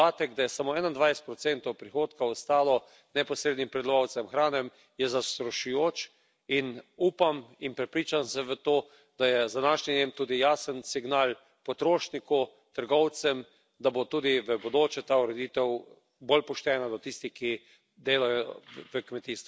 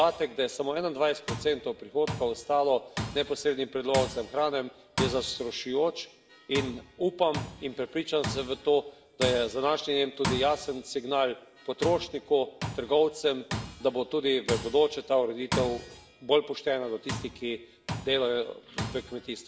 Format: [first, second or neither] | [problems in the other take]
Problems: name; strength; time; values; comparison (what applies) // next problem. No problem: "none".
first | background sound (Tools); 10 dB below the speech // room echo; dies away in 1.2 s